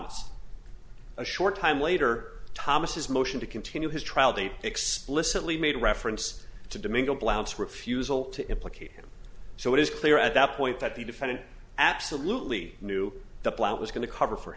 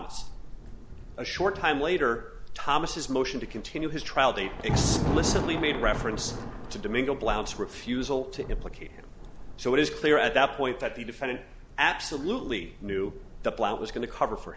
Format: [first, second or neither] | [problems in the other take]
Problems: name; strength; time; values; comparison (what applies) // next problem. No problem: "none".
first | background sound (Thunder); 8 dB below the speech